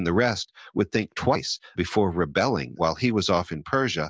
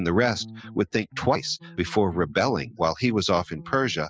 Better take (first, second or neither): first